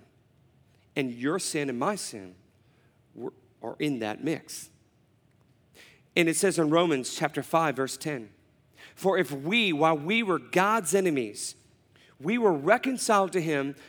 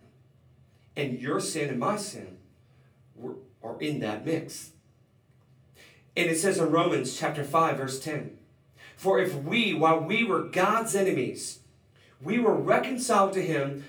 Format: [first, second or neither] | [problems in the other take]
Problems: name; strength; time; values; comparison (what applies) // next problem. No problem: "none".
first | off-mic speech; far // room echo; very slight; dies away in 0.3 s